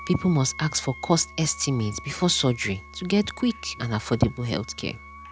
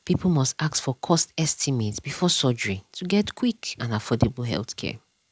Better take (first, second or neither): second